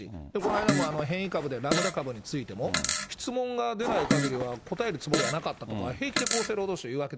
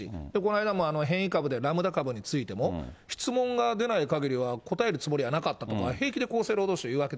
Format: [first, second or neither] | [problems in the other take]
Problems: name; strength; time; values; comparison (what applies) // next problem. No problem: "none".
second | background sound (Fart); as loud as the speech